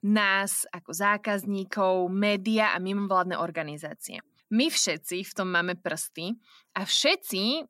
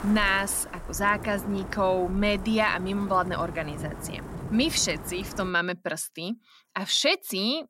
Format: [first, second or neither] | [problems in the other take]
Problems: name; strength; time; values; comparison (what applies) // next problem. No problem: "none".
first | wind noise on the microphone; occasional gusts; until 5.5 s; 15 dB below the speech